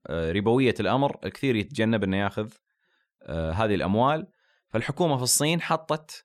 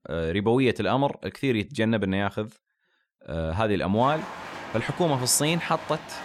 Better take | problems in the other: first | animal sounds; noticeable; from 4 s on; 15 dB below the speech

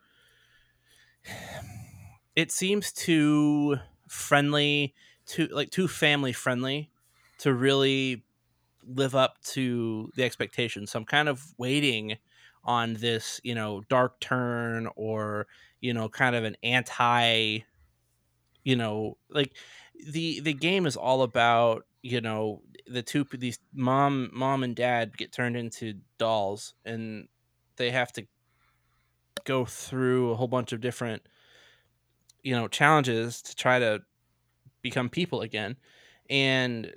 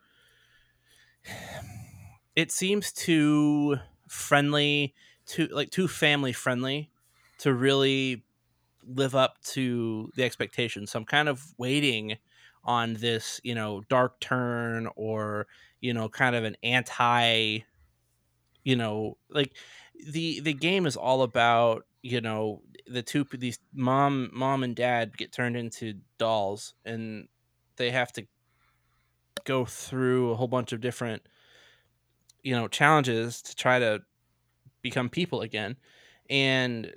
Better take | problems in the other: neither | none

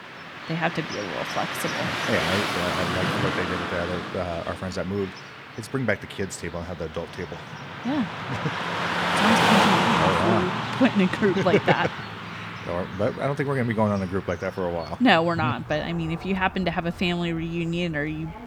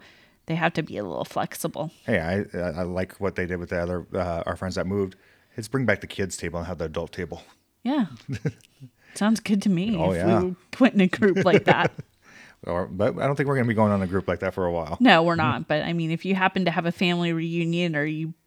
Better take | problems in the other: second | traffic noise; very loud; throughout; as loud as the speech

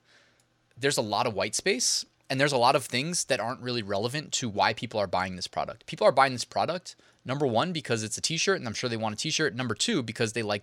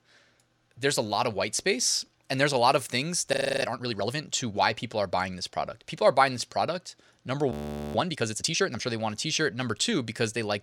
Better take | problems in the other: first | audio freezing; at 3.5 s and at 7.5 s

